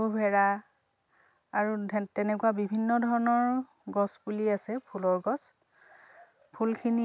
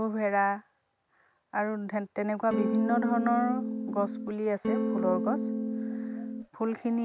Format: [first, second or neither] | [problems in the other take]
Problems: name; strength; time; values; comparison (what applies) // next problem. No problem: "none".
first | background sound (Electric guitar / Strum); as loud as the speech